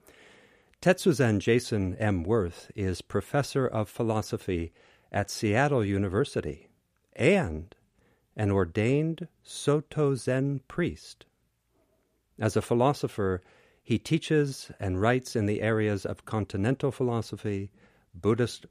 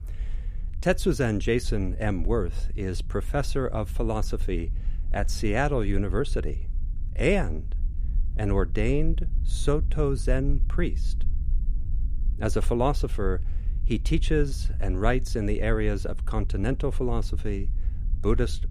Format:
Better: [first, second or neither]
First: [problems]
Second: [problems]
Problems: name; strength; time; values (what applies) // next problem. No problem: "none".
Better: first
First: none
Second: low rumble; faint; throughout; 20 dB below the speech